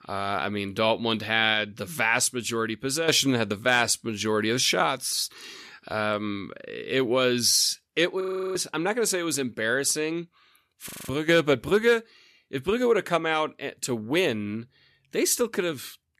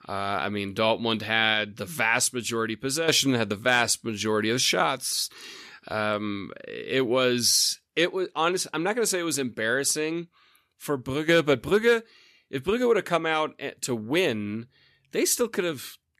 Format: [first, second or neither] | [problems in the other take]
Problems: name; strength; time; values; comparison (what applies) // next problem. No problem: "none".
second | audio freezing; at 8 s and at 11 s